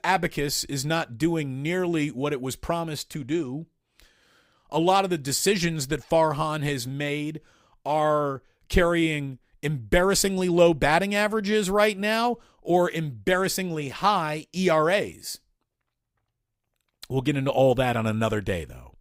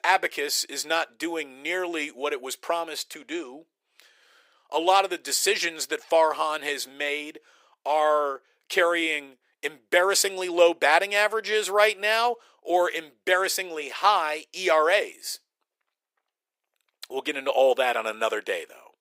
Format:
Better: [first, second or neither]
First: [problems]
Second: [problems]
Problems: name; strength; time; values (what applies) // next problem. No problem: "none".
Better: first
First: none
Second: thin; very; fading below 400 Hz